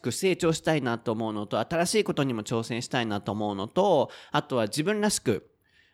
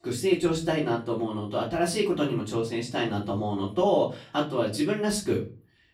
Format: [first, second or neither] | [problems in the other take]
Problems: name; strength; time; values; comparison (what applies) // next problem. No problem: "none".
first | room echo; slight; dies away in 0.3 s // off-mic speech; far